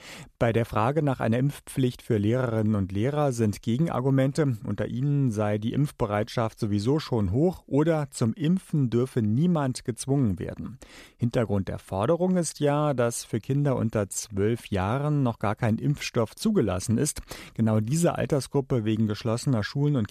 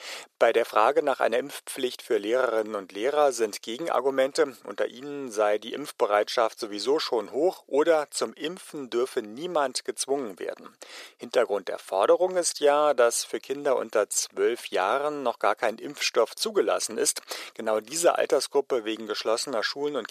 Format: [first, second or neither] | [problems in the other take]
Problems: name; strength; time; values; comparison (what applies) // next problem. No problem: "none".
first | thin; very; fading below 400 Hz